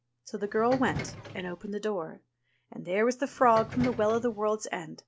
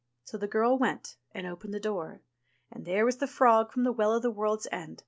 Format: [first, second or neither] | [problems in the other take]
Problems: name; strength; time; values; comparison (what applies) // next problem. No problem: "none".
second | background sound (Subway, metro, underground); 11 dB below the speech